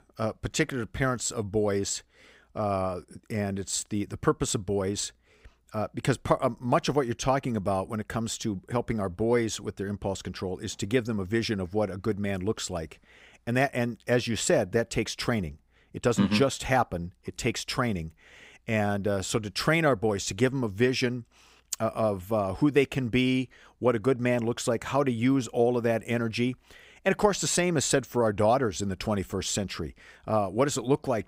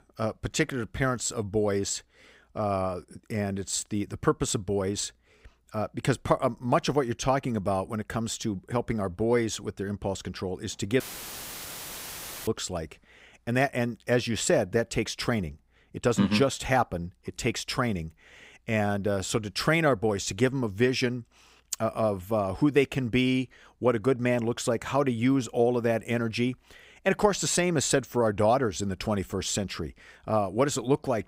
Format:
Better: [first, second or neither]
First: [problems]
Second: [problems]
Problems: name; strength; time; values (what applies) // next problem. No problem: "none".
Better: first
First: none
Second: audio cutting out; filled with static; at 11 s for 1.5 s